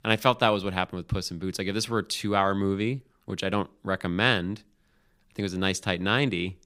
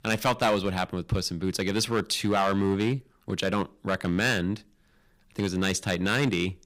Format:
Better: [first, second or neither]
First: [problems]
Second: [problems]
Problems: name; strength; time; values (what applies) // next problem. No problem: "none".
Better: first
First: none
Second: distortion; heavy; 5% of the sound clipped